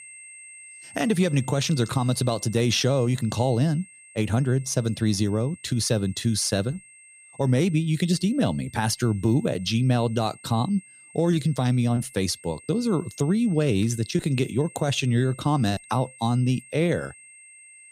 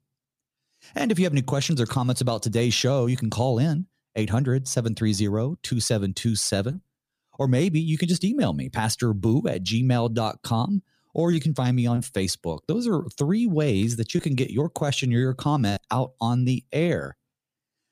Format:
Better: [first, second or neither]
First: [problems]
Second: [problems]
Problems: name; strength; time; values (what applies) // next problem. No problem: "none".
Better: second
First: high-pitched whine; faint; throughout; 8.5 kHz, 20 dB below the speech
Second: none